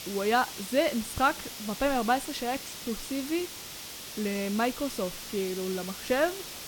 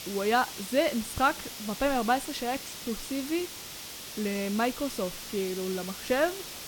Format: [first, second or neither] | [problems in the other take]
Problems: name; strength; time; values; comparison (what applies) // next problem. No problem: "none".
neither | hiss; loud; throughout; 8 dB below the speech; the same in both